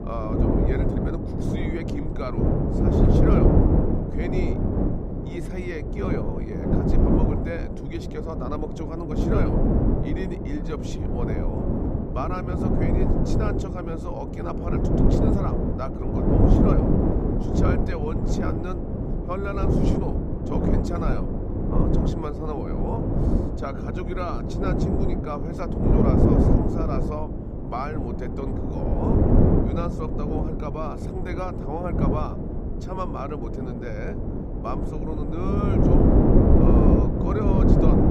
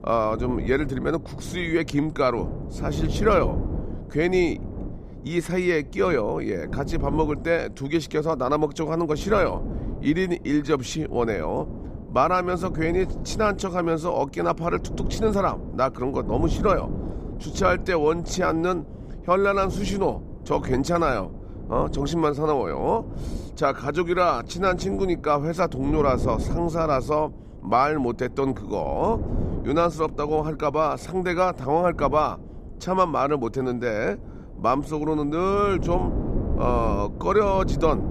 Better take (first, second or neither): second